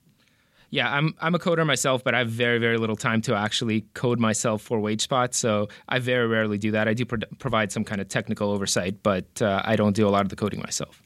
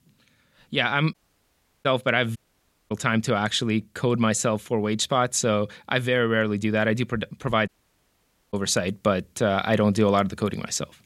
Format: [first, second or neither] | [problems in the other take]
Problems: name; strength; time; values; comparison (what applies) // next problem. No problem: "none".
first | audio cutting out; at 1 s for 0.5 s, at 2.5 s for 0.5 s and at 7.5 s for 1 s